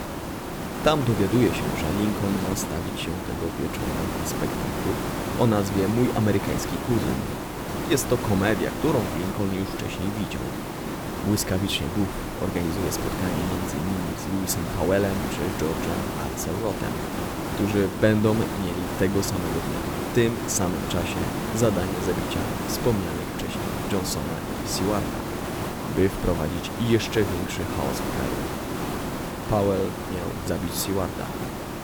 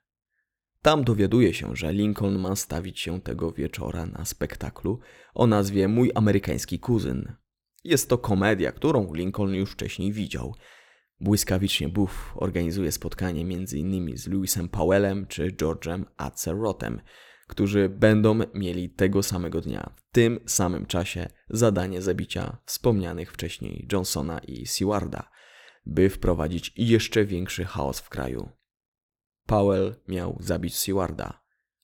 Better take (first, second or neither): second